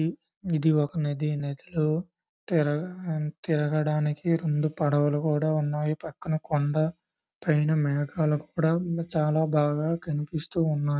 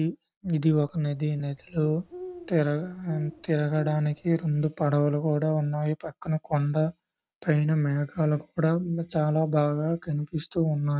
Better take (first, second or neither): first